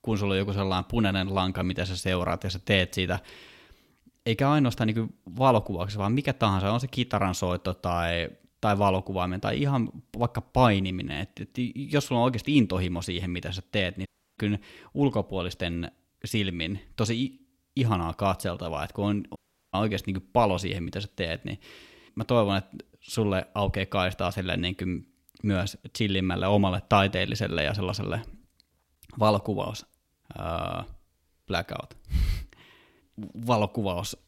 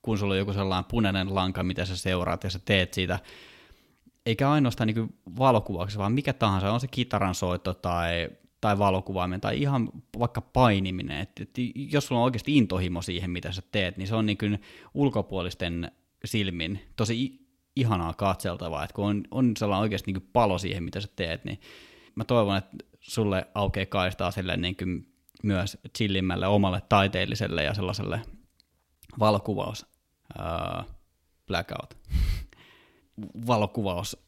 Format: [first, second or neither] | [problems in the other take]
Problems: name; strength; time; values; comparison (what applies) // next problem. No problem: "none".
second | audio cutting out; at 14 s and at 19 s